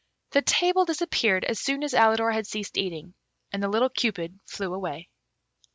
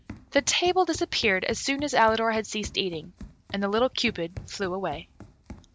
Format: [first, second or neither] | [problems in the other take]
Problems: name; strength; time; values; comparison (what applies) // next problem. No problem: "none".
first | background sound (Run); 18 dB below the speech